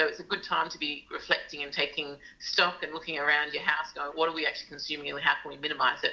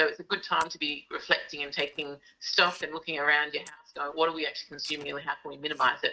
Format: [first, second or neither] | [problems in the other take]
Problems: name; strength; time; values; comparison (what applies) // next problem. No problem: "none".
first | noise reduction (neural mask model RNNoise)